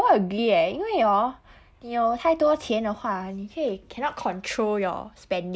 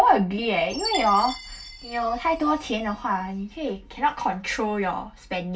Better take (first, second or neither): first